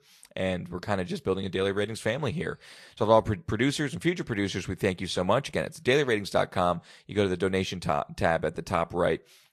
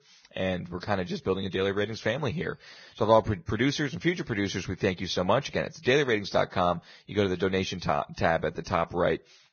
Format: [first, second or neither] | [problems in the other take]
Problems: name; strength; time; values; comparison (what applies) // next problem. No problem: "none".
first | garbled, watery; badly; nothing above 6.5 kHz; slightly in the first